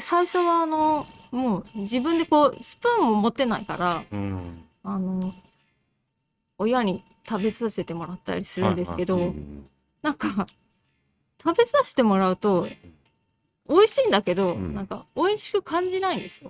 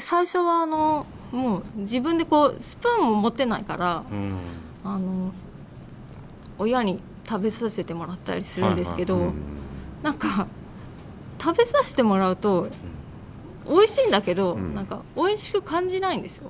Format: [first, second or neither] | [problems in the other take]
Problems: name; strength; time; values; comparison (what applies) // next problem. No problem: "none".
second | noise reduction (neural mask model RNNoise)